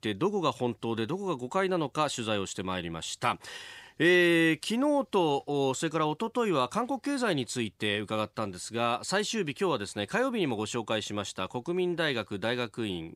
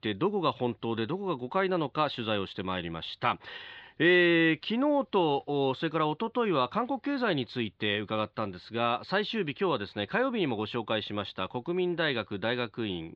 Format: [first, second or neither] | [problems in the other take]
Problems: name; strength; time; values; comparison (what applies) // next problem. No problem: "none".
first | muffled; slightly; fading above 4 kHz